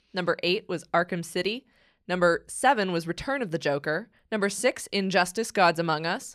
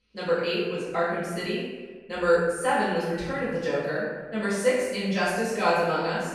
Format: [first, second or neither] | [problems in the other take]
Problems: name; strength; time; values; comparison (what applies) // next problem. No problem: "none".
first | off-mic speech; far // room echo; strong; dies away in 1.1 s